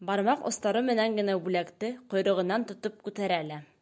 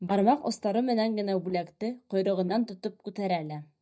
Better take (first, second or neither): first